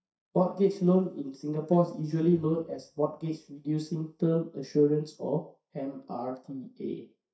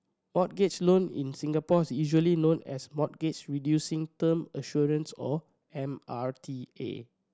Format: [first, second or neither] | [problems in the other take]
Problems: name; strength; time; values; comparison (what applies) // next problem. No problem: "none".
second | noise reduction (neural mask model DeepFilterNet 3)